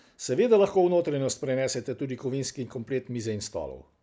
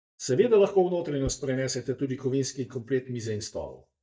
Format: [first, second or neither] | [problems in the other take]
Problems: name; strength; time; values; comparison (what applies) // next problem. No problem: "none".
first | noise reduction (neural mask model DeepFilterNet 3)